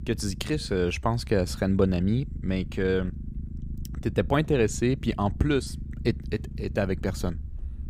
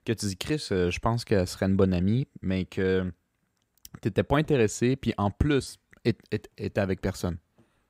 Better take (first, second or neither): second